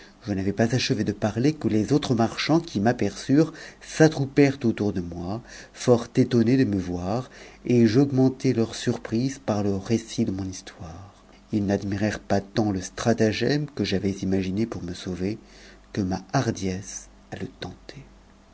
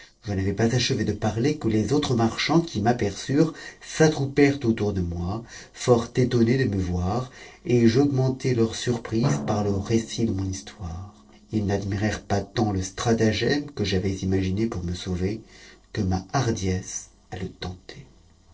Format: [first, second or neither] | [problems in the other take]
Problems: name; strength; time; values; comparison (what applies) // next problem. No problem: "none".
first | noise reduction (neural separator model SepFormer DNS4)